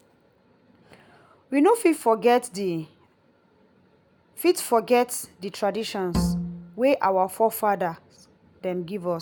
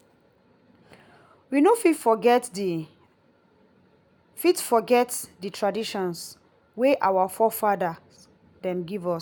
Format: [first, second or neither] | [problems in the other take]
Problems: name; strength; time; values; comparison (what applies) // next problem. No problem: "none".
second | background sound (Bowed string instrument); 4 dB below the speech